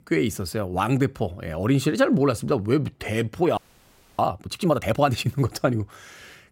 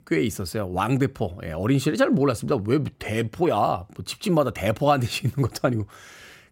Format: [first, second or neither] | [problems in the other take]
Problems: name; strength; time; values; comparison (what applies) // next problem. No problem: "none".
second | audio freezing; at 3.5 s for 0.5 s